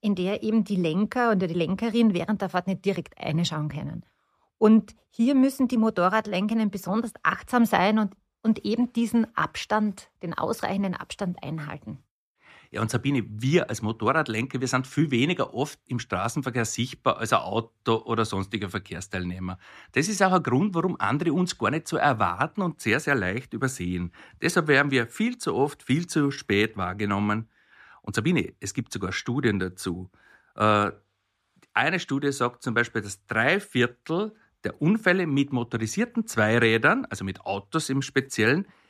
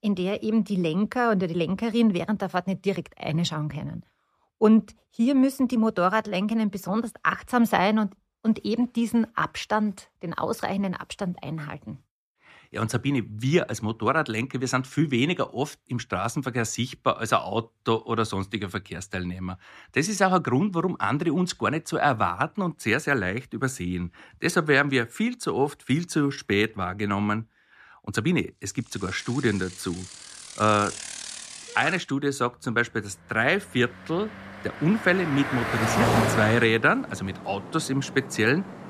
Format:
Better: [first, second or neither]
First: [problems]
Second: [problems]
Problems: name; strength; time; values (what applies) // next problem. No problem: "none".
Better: first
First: none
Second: traffic noise; loud; from 29 s on; 6 dB below the speech